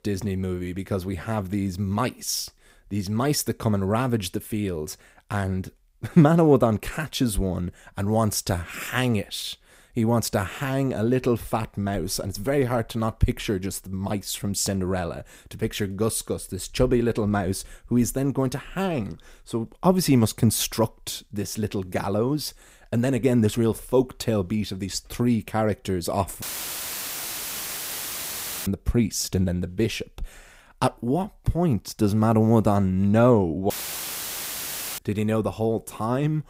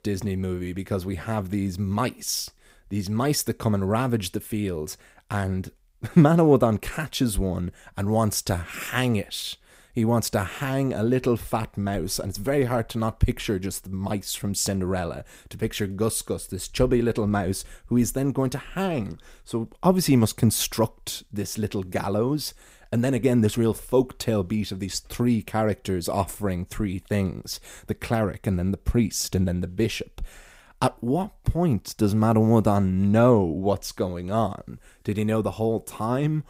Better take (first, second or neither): second